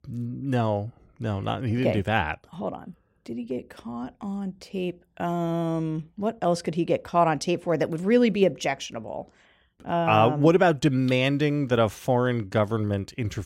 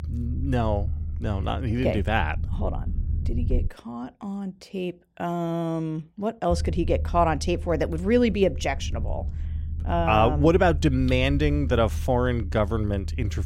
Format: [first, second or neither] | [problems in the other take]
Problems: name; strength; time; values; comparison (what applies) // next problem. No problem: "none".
first | low rumble; faint; until 3.5 s and from 6.5 s on; 20 dB below the speech